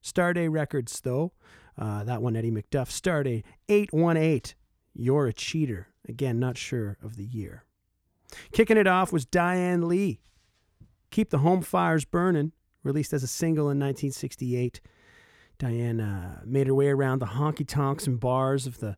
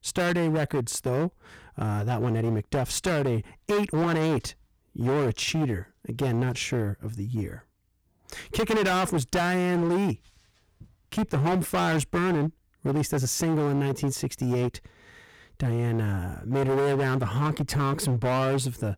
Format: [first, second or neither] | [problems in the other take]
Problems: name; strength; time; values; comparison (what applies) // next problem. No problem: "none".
first | distortion; heavy; 19% of the sound clipped